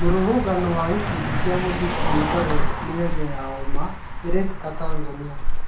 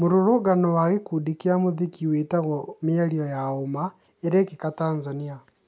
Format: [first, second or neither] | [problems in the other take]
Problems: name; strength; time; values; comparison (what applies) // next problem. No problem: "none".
second | background sound (Car passing by); 5 dB above the speech // room echo; dies away in 0.3 s